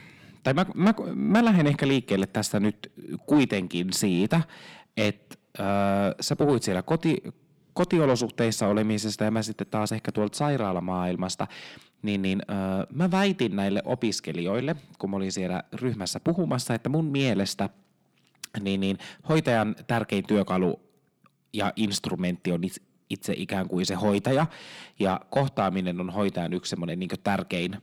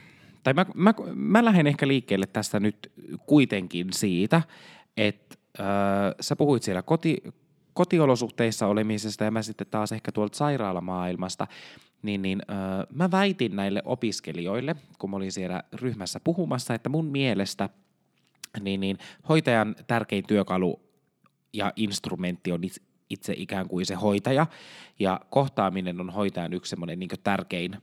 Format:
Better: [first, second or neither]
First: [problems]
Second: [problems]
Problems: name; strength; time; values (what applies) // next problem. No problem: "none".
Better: second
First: distortion; slight; 10 dB below the speech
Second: none